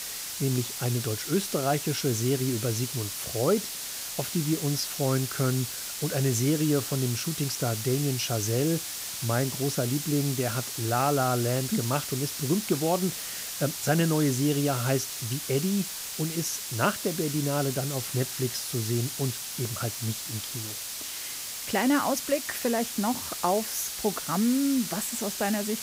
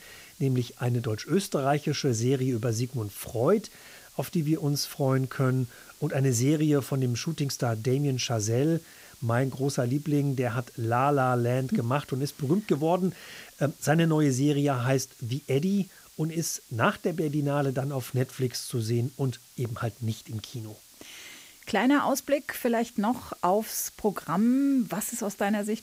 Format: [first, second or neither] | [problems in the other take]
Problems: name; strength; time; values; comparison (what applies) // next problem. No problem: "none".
second | hiss; loud; throughout; 4 dB below the speech; faint in the second